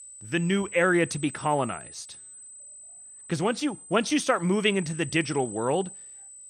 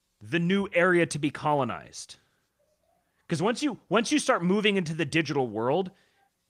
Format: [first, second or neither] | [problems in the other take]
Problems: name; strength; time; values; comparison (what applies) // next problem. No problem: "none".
second | high-pitched whine; noticeable; throughout; 8 kHz, 15 dB below the speech